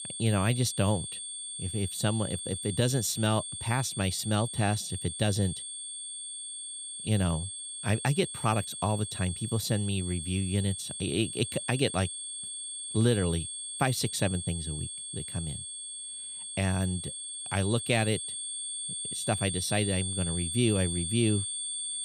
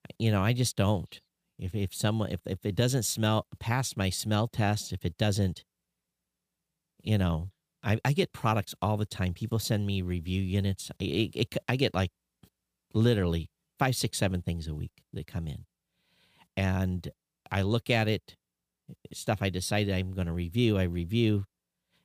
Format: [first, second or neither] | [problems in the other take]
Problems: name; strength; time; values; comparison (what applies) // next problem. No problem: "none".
second | high-pitched whine; loud; throughout; 8.5 kHz, 5 dB below the speech